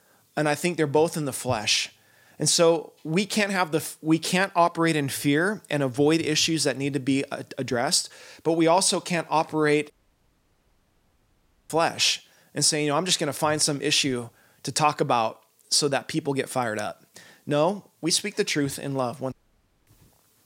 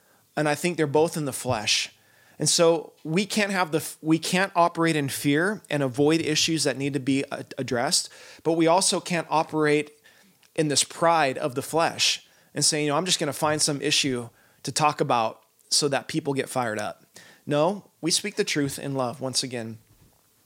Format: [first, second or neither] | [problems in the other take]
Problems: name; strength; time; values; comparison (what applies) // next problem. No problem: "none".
second | audio cutting out; at 10 s for 2 s and at 19 s for 0.5 s